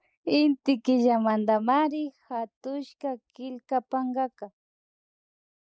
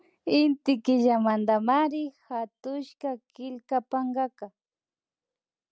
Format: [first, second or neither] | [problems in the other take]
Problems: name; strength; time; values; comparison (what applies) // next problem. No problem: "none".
second | noise reduction (neural mask model Resemble Enhance denoiser)